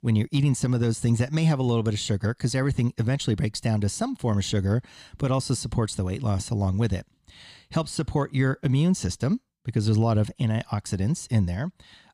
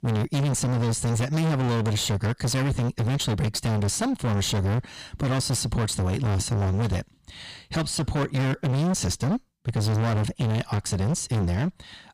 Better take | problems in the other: first | distortion; heavy; 36% of the sound clipped

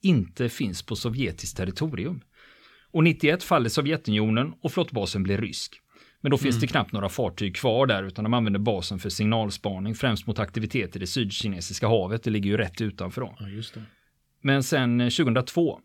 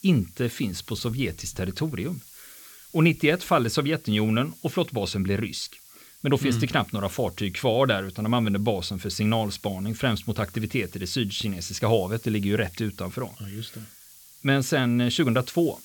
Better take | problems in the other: first | hiss; faint; throughout; 20 dB below the speech

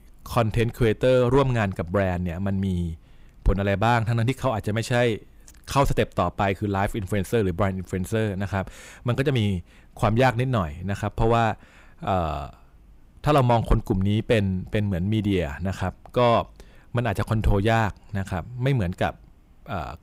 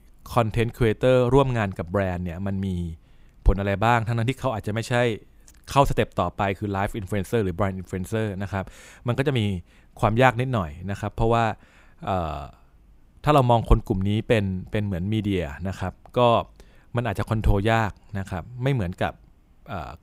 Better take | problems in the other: second | distortion; slight; 10 dB below the speech

